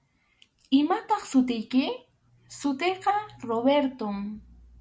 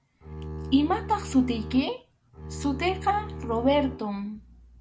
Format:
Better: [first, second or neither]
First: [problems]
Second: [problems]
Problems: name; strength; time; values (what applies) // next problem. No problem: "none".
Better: first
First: none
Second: background sound (Bowed string instrument); 9 dB below the speech